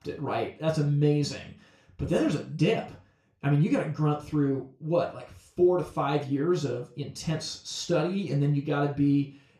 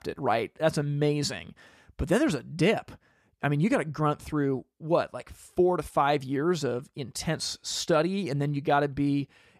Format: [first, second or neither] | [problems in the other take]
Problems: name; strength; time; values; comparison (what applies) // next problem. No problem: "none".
second | room echo; slight; dies away in 0.3 s // off-mic speech; far